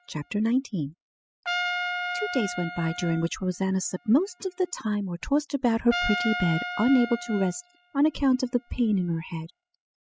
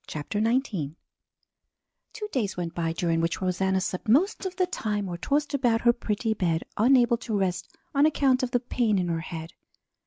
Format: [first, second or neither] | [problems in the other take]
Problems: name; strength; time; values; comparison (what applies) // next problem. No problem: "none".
second | noise reduction (classical method spectral subtraction)